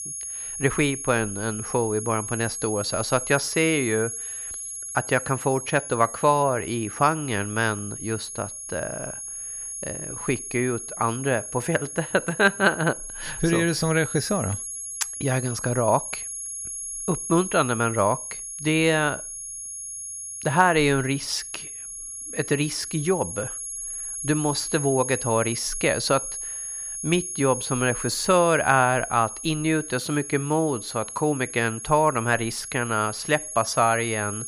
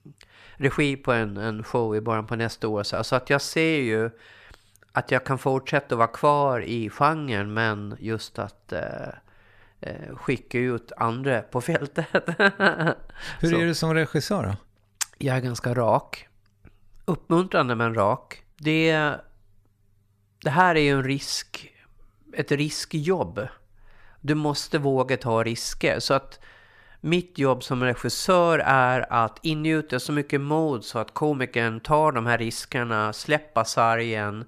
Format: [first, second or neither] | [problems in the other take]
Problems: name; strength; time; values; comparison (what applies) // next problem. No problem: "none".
second | high-pitched whine; loud; throughout; 11 kHz, 7 dB below the speech